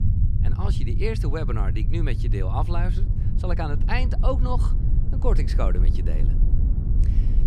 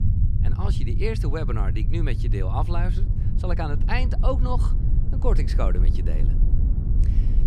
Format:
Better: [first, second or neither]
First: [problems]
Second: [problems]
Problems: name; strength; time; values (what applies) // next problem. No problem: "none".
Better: neither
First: low rumble; loud; throughout; 8 dB below the speech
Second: low rumble; loud; throughout; 8 dB below the speech